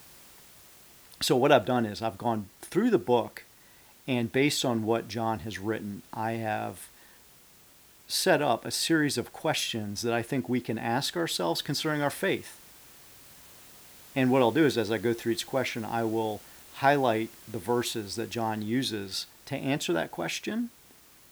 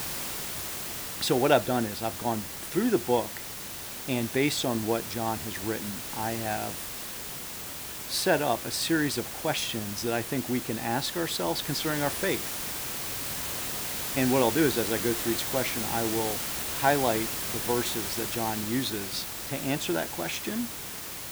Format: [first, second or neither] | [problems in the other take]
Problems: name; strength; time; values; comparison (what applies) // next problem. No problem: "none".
first | hiss; loud; throughout; 3 dB below the speech; faint in the first